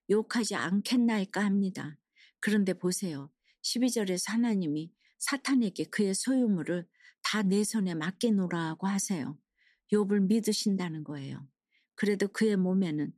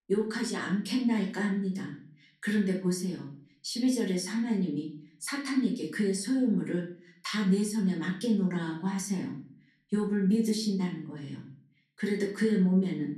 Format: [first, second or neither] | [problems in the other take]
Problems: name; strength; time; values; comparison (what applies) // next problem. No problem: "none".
first | room echo; slight; dies away in 0.4 s // off-mic speech; far